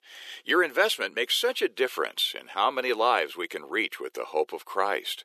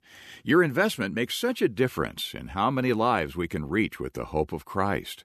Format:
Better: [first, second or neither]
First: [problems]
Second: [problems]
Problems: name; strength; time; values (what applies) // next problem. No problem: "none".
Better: second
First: thin; very; fading below 450 Hz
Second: none